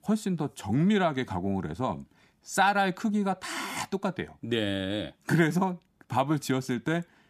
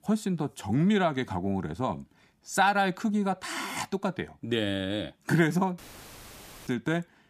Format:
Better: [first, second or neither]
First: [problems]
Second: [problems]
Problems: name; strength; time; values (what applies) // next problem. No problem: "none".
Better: first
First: none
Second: audio cutting out; filled with static; at 6 s for 1 s